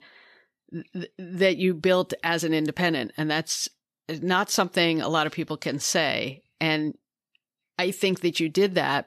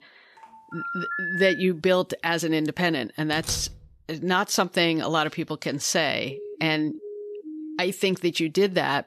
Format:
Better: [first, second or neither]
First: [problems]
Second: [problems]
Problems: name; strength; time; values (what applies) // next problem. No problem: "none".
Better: first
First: none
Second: phone ringing; noticeable; until 1.5 s; peak 3 dB below the speech // door banging; noticeable; at 3.5 s; peak 9 dB below the speech // siren; faint; from 6.5 to 8 s; peak 10 dB below the speech